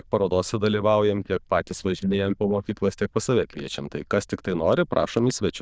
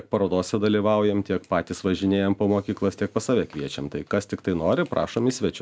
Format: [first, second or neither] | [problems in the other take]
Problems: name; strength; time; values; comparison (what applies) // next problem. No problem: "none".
second | noise reduction (neural diffusion model UNIVERSE++)